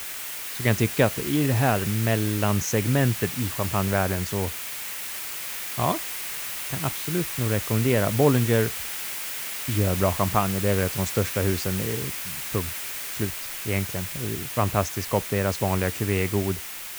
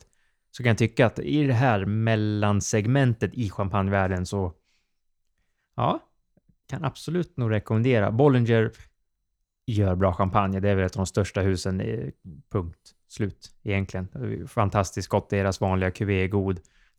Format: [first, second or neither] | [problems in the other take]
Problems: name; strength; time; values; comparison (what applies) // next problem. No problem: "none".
second | hiss; loud; throughout; 4 dB below the speech